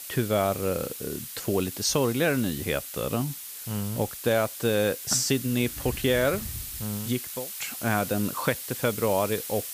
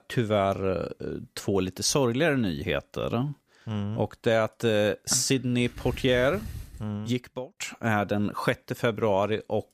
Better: second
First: hiss; loud; throughout; 8 dB below the speech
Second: none

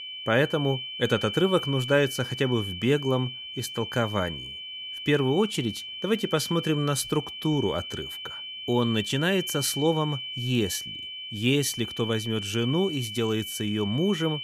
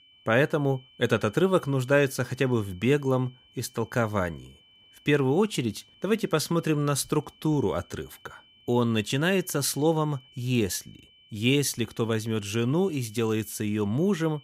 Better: second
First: high-pitched whine; loud; throughout; 3 kHz, 7 dB below the speech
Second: high-pitched whine; faint; throughout; 3 kHz, 30 dB below the speech

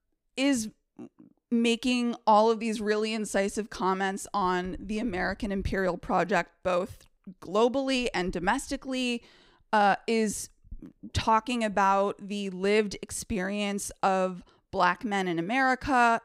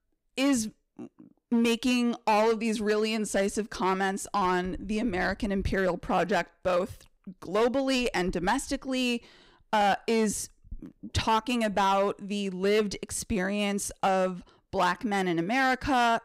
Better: first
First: none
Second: distortion; slight; 6% of the sound clipped

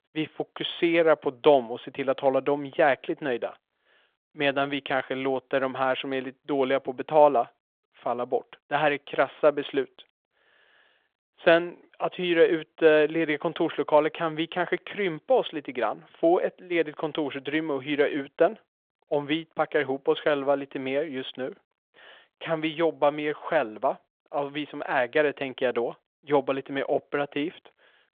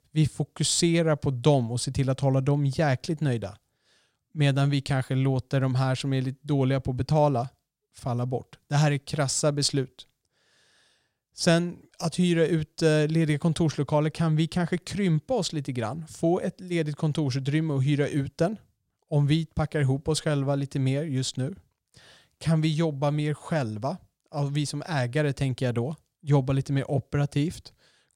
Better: second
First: phone-call audio; nothing above 3.5 kHz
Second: none

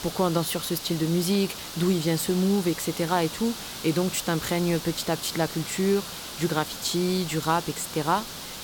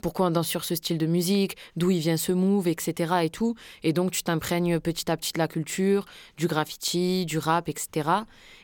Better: second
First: hiss; loud; throughout; 9 dB below the speech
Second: none

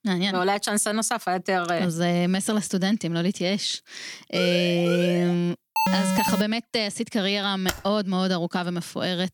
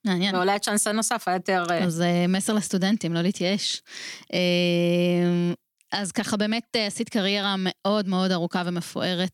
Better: second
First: siren; noticeable; from 4.5 to 5.5 s; peak 6 dB below the speech // alarm; loud; at 6 s; peak 2 dB above the speech // keyboard typing; noticeable; at 7.5 s; peak 8 dB below the speech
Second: none

